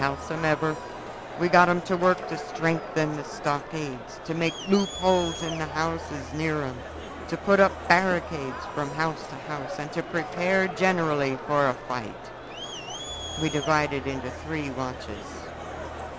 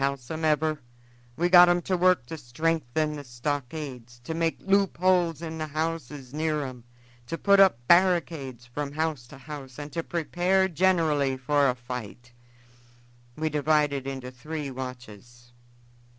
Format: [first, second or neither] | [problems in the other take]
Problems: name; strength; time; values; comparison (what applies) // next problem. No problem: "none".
second | background sound (Crowd); 9 dB below the speech